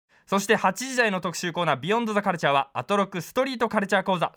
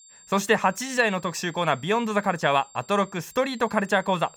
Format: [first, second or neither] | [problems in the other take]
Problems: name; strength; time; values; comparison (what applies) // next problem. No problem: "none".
first | high-pitched whine; faint; throughout; 7.5 kHz, 25 dB below the speech